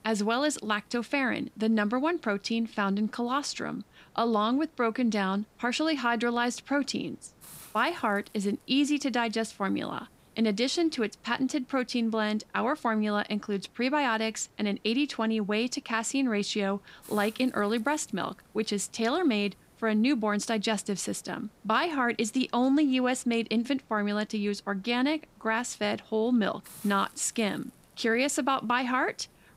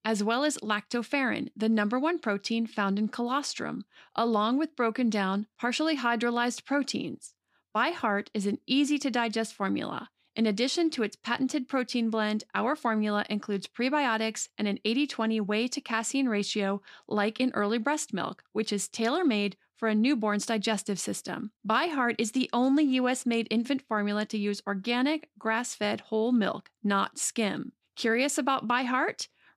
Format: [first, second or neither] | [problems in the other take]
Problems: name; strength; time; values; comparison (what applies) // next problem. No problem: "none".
second | hiss; faint; throughout; 30 dB below the speech